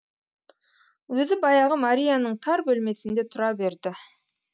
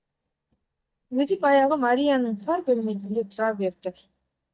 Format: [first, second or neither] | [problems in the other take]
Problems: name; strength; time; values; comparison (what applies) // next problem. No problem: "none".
first | noise reduction (neural mask model DeepFilterNet 3)